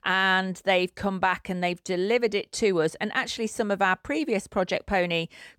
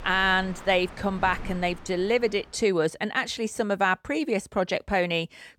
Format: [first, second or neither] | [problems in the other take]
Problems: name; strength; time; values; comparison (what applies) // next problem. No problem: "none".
first | train or aircraft noise; noticeable; until 2 s; 20 dB below the speech